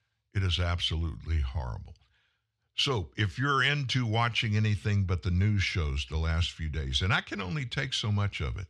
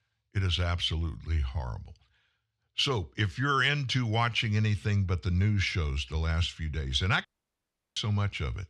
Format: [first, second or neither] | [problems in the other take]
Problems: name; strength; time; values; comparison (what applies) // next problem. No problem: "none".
first | audio cutting out; at 7.5 s for 0.5 s